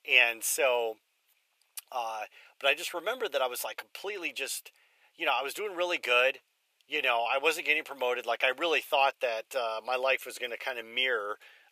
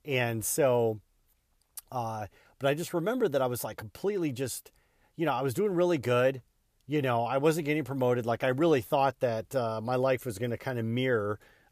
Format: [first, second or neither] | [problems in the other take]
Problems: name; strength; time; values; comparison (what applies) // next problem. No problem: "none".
second | thin; very; fading below 550 Hz